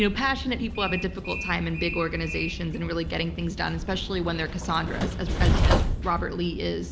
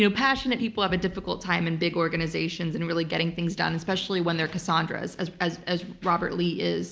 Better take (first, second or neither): second